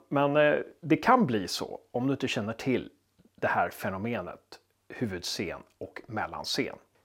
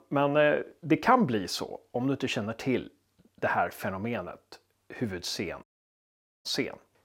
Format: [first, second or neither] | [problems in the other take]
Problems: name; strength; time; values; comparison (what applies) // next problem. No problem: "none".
first | audio cutting out; at 5.5 s for 1 s